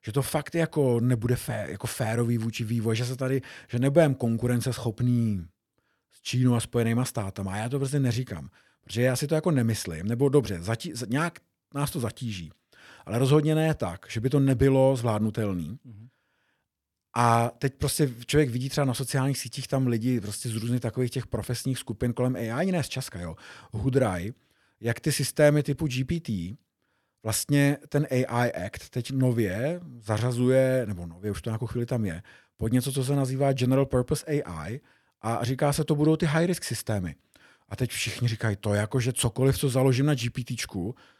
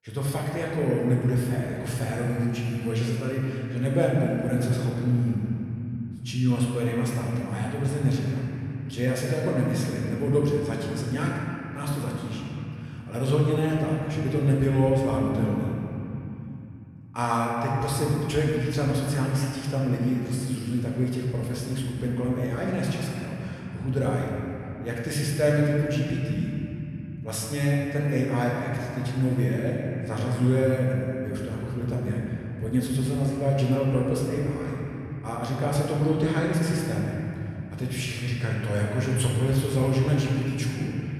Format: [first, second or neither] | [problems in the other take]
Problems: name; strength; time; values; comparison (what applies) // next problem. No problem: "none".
first | room echo; noticeable; dies away in 3 s // off-mic speech; far